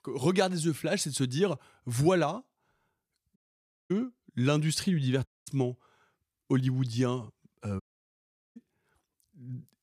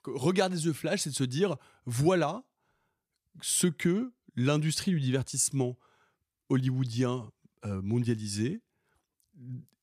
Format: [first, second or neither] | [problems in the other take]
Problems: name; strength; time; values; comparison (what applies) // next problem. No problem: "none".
second | audio cutting out; at 3.5 s for 0.5 s, at 5.5 s and at 8 s for 1 s